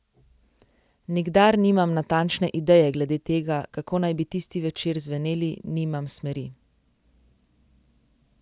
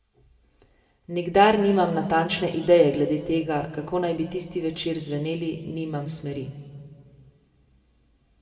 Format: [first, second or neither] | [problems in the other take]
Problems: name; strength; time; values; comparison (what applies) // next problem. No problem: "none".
first | room echo; dies away in 1.7 s